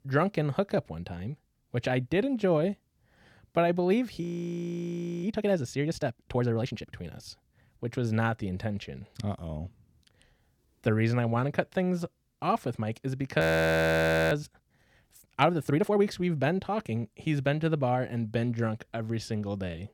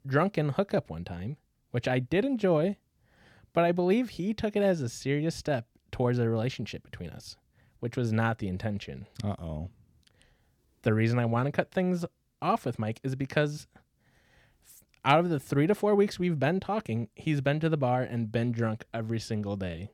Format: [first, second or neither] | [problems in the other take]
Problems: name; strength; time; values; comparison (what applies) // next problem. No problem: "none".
second | audio freezing; at 4 s for 1 s and at 13 s for 1 s